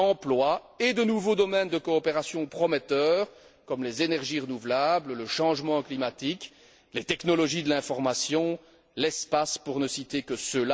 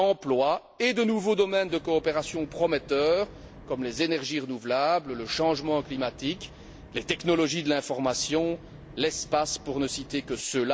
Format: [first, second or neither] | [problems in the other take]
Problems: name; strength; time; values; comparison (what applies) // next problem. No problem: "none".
first | background sound (Wind); 19 dB below the speech